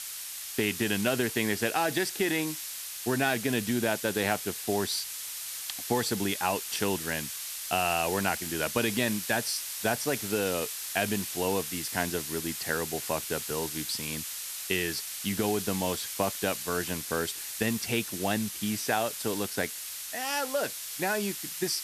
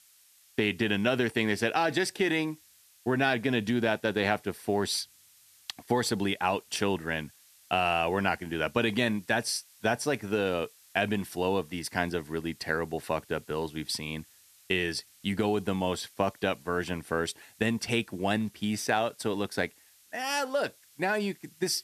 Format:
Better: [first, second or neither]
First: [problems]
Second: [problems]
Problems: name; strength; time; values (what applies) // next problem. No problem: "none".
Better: second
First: hiss; loud; throughout; 4 dB below the speech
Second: hiss; faint; throughout; 25 dB below the speech